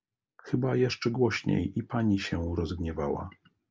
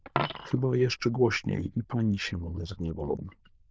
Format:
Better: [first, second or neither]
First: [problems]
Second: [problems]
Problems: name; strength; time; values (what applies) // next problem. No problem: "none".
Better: first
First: none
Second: noise reduction (neural diffusion model UNIVERSE++)